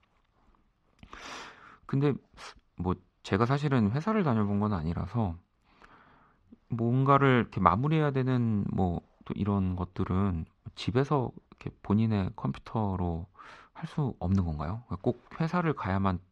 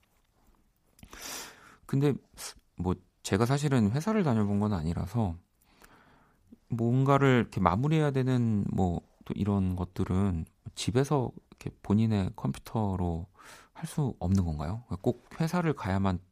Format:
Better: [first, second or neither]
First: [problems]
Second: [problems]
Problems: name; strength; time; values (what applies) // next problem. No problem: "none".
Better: second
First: muffled; slightly; fading above 3 kHz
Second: none